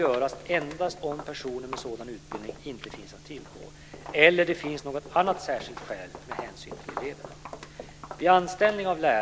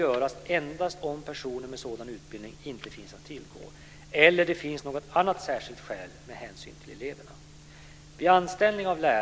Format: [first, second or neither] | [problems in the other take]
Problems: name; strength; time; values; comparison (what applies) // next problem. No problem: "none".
second | background sound (Walk, footsteps); 15 dB below the speech